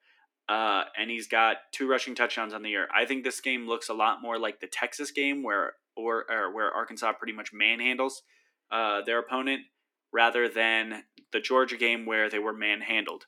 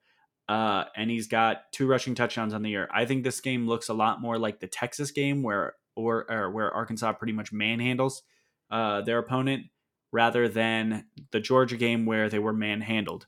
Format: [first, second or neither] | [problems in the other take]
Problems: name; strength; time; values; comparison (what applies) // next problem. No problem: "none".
second | thin; somewhat; fading below 250 Hz